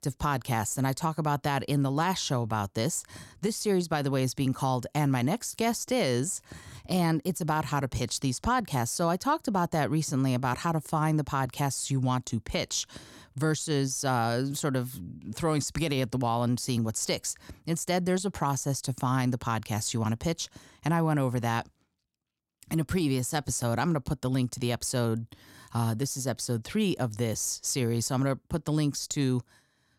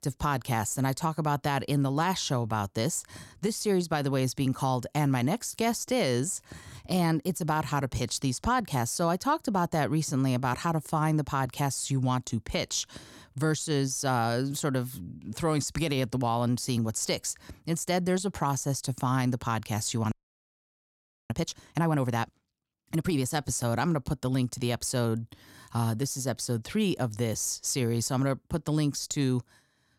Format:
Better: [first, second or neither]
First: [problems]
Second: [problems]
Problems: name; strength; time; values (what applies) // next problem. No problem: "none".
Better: first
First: none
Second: audio freezing; at 20 s for 1 s